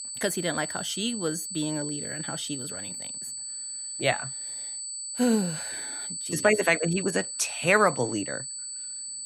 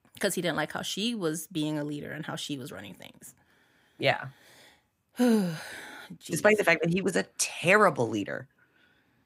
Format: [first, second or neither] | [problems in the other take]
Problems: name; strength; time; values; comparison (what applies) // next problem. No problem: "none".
second | high-pitched whine; loud; throughout; 8 kHz, 6 dB below the speech